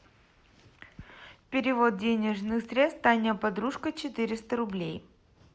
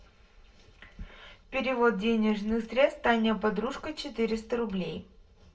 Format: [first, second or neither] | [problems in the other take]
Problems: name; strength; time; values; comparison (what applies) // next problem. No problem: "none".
first | room echo; dies away in 0.1 s